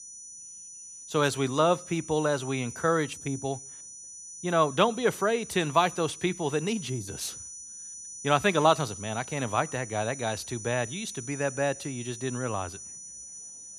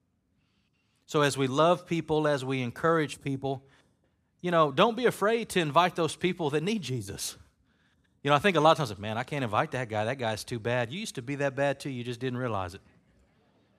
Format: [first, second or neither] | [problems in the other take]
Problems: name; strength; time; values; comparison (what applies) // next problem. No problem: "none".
second | high-pitched whine; noticeable; throughout; 6 kHz, 10 dB below the speech